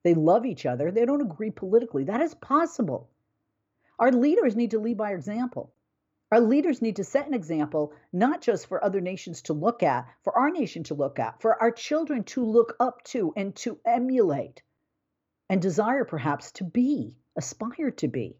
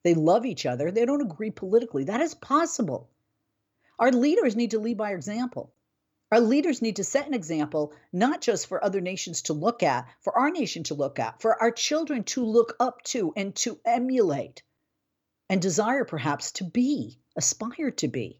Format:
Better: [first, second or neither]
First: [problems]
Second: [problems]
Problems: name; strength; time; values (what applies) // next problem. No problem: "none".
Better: second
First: muffled; slightly; fading above 2.5 kHz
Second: none